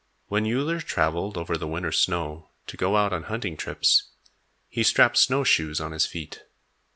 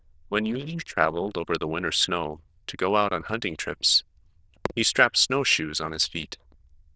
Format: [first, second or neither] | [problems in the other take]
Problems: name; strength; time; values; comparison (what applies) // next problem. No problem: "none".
first | noise reduction (neural diffusion model UNIVERSE++)